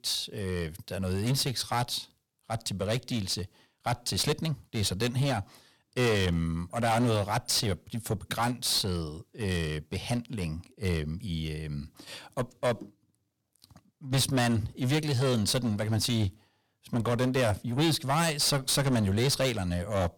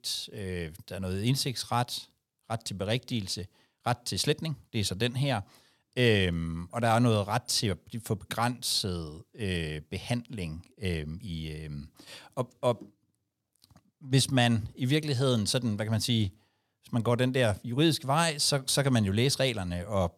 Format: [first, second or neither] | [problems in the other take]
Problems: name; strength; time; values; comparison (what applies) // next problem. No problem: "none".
second | distortion; heavy; 10% of the sound clipped